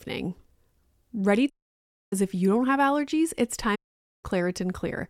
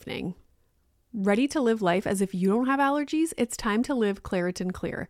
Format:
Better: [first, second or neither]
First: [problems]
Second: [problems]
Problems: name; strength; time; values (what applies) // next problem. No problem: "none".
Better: second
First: audio cutting out; at 1.5 s for 0.5 s and at 4 s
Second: none